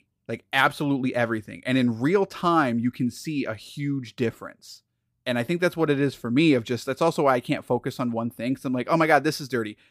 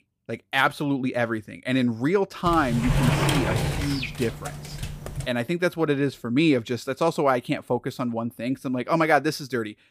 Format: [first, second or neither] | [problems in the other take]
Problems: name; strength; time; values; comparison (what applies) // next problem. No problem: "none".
first | door banging; loud; from 2.5 to 5.5 s; peak 3 dB above the speech